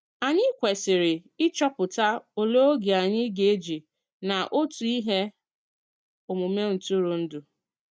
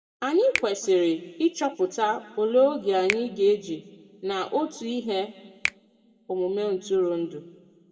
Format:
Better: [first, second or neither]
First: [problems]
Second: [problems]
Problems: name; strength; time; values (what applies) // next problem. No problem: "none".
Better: first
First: none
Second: background sound (Finger snapping); 13 dB below the speech // room echo; dies away in 0.9 s